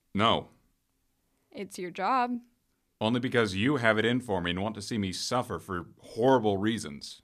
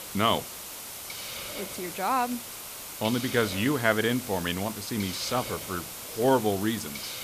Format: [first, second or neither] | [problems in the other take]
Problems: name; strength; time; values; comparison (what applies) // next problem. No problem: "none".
first | hiss; loud; throughout; 8 dB below the speech